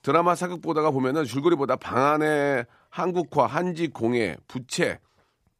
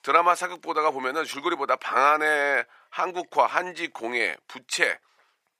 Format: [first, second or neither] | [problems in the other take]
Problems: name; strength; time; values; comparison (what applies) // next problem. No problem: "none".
first | thin; very; fading below 600 Hz